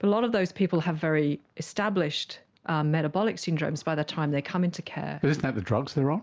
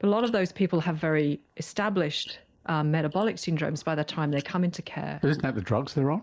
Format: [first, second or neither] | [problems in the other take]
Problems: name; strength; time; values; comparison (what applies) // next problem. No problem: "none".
first | noise reduction (neural mask model Resemble Enhance denoiser)